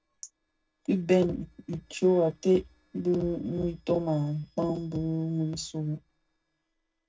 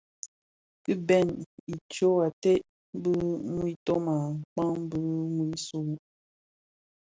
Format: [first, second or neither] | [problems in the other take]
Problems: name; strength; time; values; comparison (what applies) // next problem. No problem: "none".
second | noise reduction (neural separator model SepFormer DNS4)